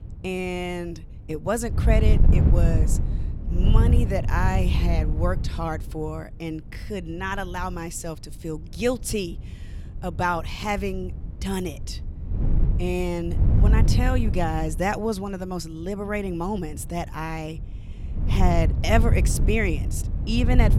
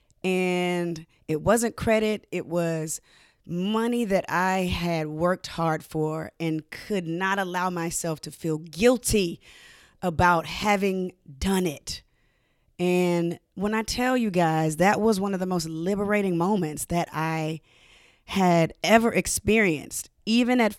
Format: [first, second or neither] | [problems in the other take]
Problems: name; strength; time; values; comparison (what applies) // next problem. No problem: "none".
second | wind noise on the microphone; heavy; 9 dB below the speech